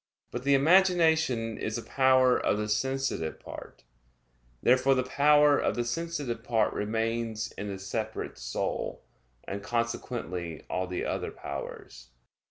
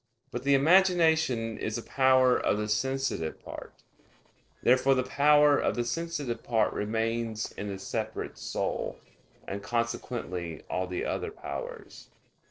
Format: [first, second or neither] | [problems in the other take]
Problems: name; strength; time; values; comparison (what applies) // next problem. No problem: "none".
first | noise reduction (neural separator model SepFormer DNS4)